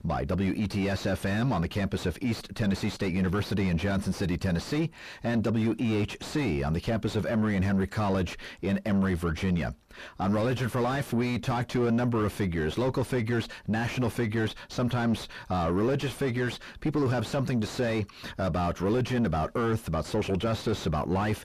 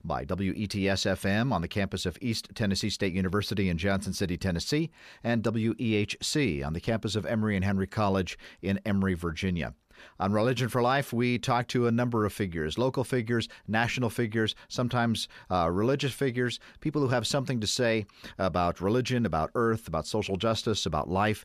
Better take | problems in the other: second | distortion; heavy; 6 dB below the speech

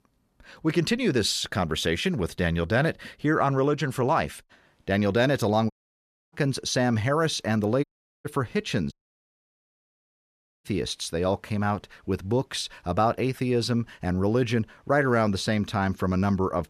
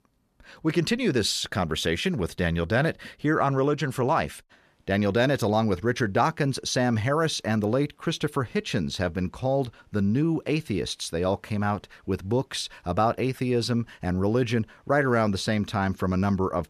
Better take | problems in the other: second | audio cutting out; at 5.5 s for 0.5 s, at 8 s and at 9 s for 1.5 s

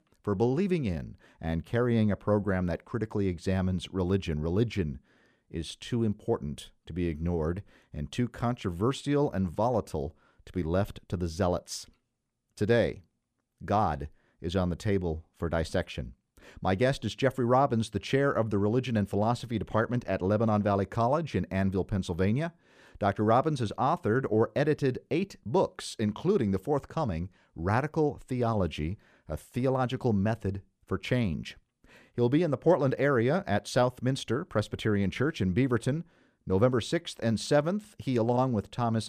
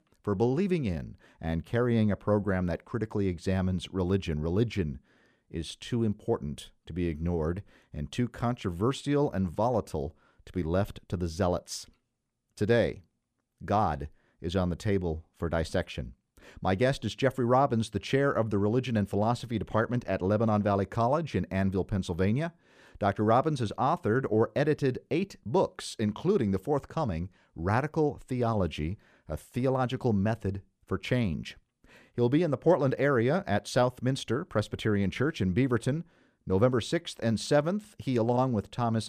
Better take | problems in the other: neither | none

